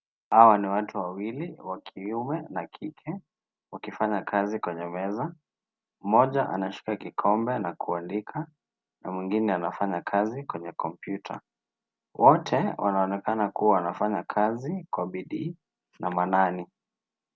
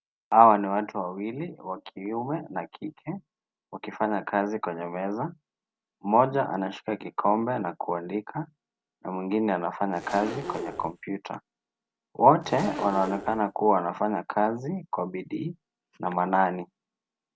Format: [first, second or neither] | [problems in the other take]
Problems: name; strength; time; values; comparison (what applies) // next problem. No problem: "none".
first | background sound (Zipper (clothing)); 9 dB below the speech